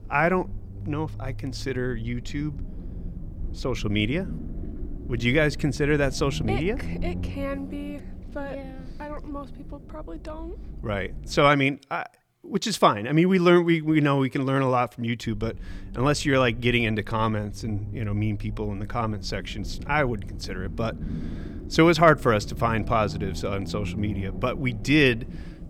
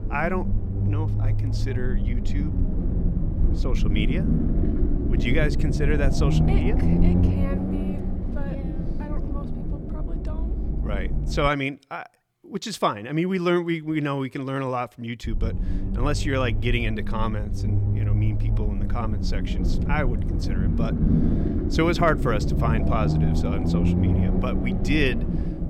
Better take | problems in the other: first | low rumble; loud; until 11 s and from 15 s on; 6 dB below the speech; faint in the first

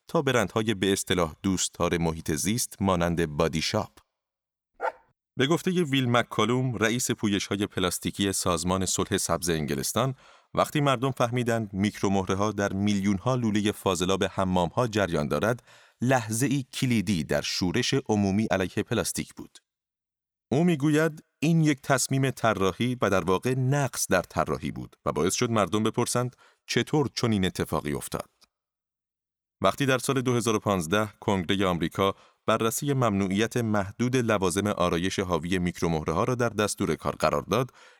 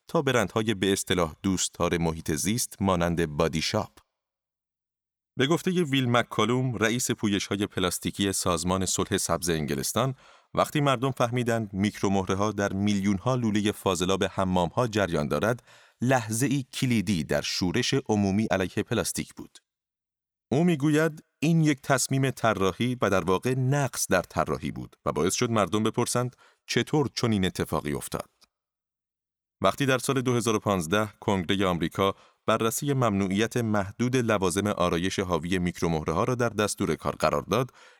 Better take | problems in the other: second | dog barking; noticeable; at 5 s; peak 8 dB below the speech

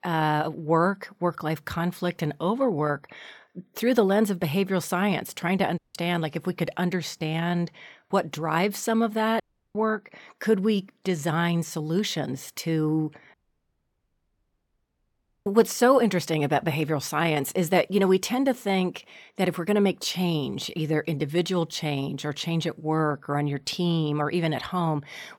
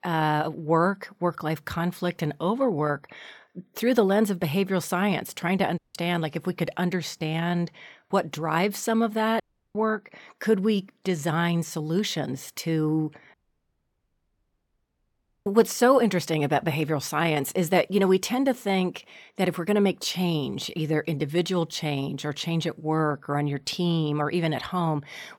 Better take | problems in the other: neither | audio cutting out; at 6 s, at 9.5 s and at 13 s for 2 s; the same in both

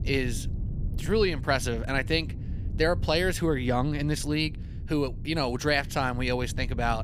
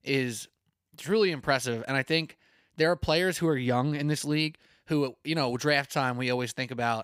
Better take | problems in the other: second | low rumble; faint; throughout; 20 dB below the speech

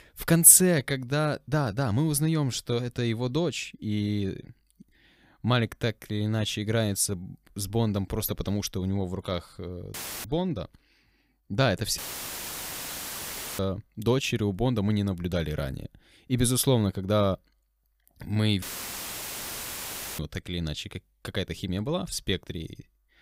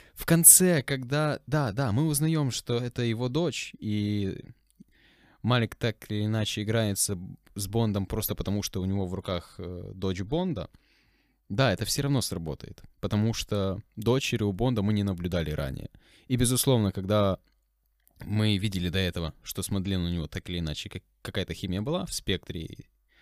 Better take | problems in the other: second | audio cutting out; filled with static; at 10 s, at 12 s for 1.5 s and at 19 s for 1.5 s

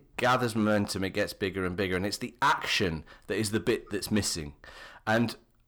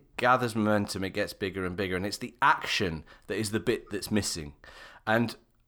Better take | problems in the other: second | distortion; slight; 3% of the sound clipped

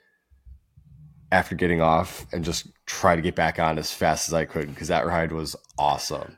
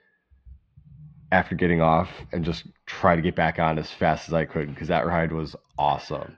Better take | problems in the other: first | muffled; slightly; fading above 3.5 kHz

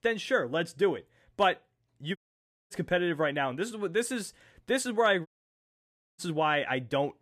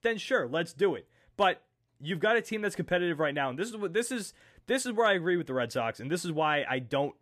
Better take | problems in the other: second | audio cutting out; at 2 s for 0.5 s and at 5.5 s for 1 s

